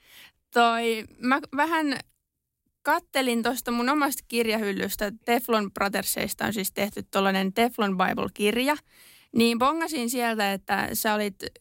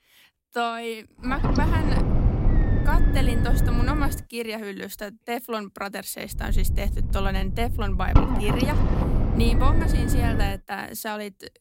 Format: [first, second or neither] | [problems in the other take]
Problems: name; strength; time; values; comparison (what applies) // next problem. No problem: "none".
first | low rumble; loud; from 1.5 to 4 s and from 6.5 to 10 s; 1 dB below the speech